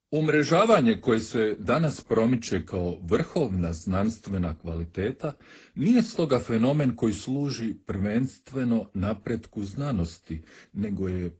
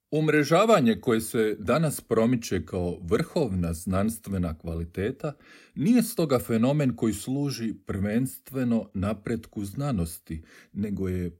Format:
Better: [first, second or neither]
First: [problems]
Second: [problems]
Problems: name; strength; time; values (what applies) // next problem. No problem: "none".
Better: second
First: garbled, watery; badly; nothing above 8 kHz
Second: none